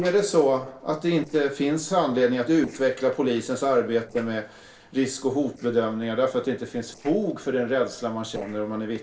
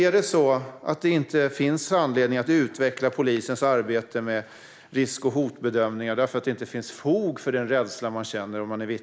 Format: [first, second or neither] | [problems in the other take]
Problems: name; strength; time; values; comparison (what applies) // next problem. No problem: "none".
second | noise reduction (neural separator model SepFormer DNS4)